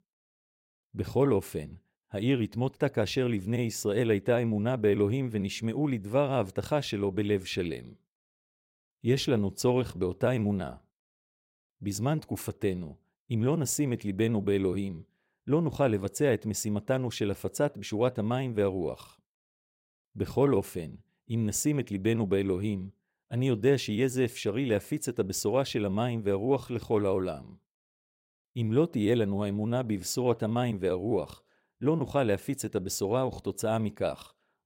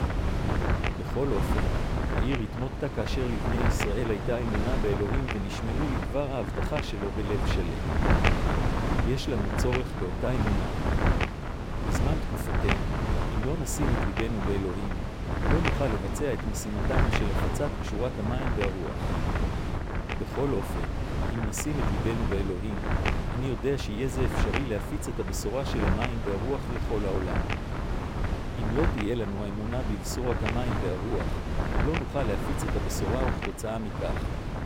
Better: first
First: none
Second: wind noise on the microphone; heavy; 1 dB above the speech

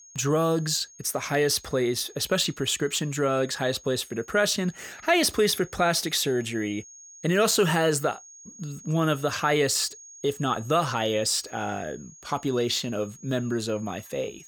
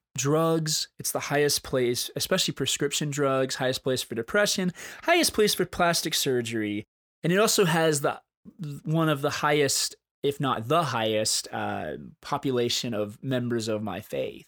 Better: second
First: high-pitched whine; faint; throughout; 6.5 kHz, 20 dB below the speech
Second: none

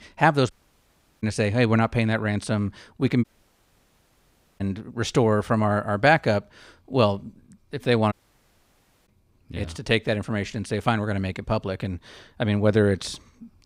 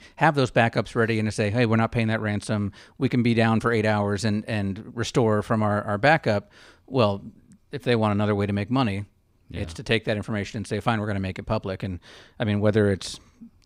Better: second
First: audio cutting out; at 0.5 s for 0.5 s, at 3 s for 1.5 s and at 8 s for 1 s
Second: none

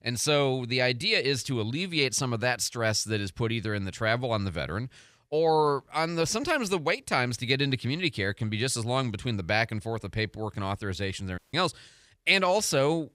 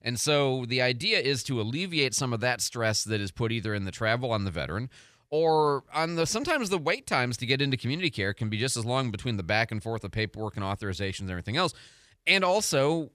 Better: second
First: audio cutting out; at 11 s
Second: none

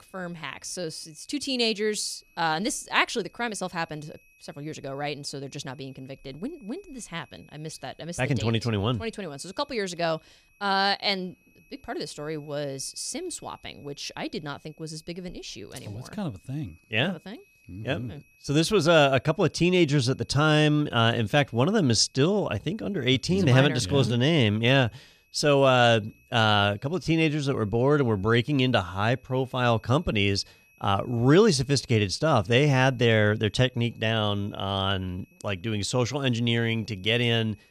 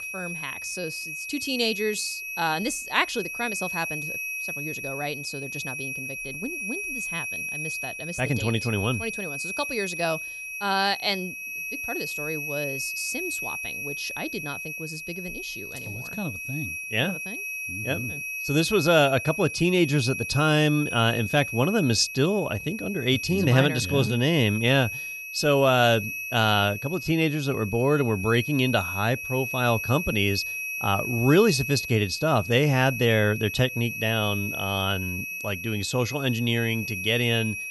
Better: first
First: high-pitched whine; faint; throughout; 2.5 kHz, 35 dB below the speech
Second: high-pitched whine; loud; throughout; 2.5 kHz, 6 dB below the speech

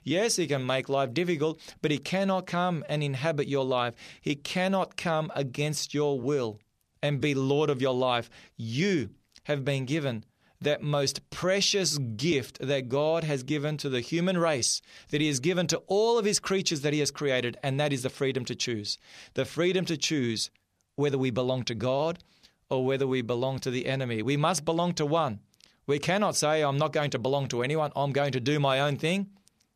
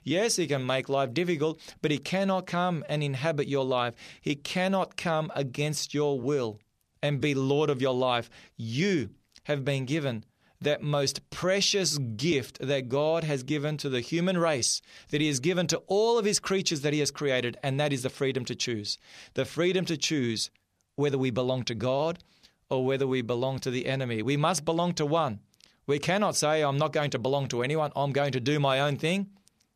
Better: neither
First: none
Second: none

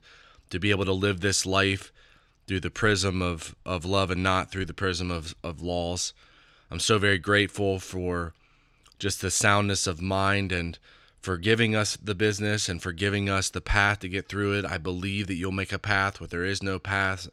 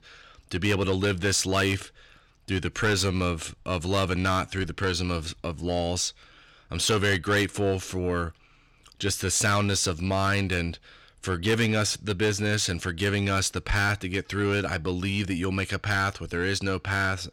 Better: first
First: none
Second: distortion; slight; 10 dB below the speech

